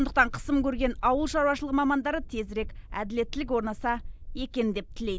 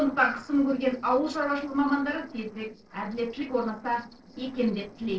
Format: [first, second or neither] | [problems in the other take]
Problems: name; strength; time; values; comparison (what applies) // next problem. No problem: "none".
first | noise reduction (neural separator model SepFormer DNS4)